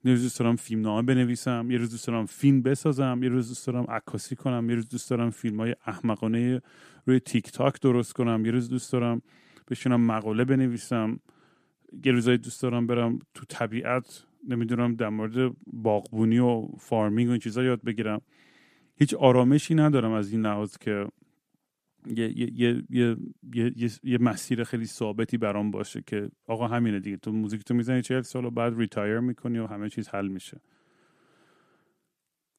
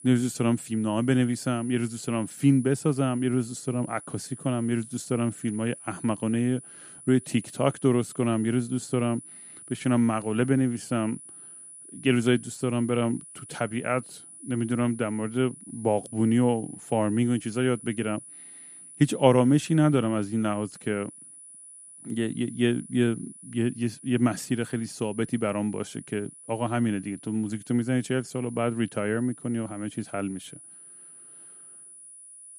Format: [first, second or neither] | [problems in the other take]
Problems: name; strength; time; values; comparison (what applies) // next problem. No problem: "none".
first | high-pitched whine; noticeable; throughout; 10 kHz, 15 dB below the speech